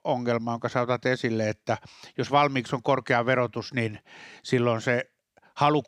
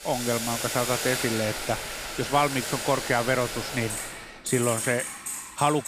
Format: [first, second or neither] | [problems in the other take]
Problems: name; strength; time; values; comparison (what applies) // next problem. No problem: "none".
first | household noises; loud; throughout; 3 dB below the speech